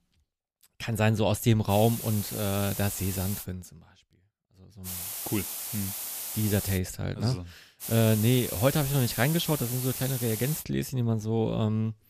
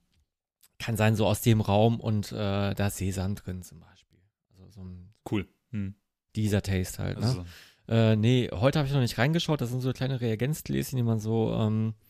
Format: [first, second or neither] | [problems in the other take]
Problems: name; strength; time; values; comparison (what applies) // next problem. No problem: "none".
second | hiss; loud; from 1.5 to 3.5 s, from 5 to 7 s and from 8 to 11 s; 6 dB below the speech